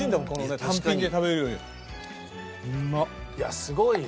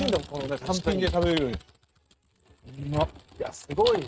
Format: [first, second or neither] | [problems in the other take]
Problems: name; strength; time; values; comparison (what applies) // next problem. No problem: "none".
first | noise reduction (neural mask model RNNoise)